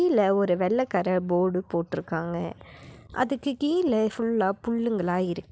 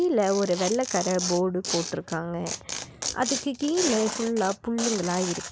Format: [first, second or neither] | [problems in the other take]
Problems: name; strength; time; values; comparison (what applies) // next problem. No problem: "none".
first | background sound (Tearing); 7 dB below the speech